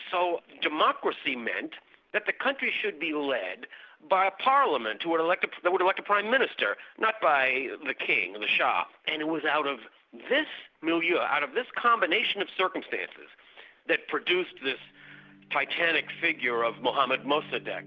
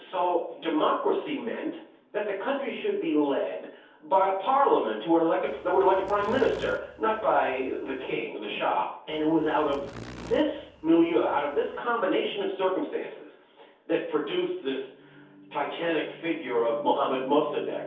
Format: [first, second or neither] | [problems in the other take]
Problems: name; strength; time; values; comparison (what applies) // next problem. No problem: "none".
first | background sound (Insect); 19 dB below the speech // room echo; dies away in 0.6 s